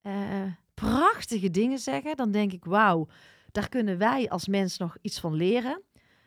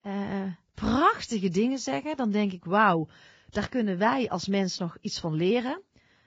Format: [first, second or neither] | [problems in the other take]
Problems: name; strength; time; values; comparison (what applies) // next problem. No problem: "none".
first | garbled, watery; badly; nothing above 7.5 kHz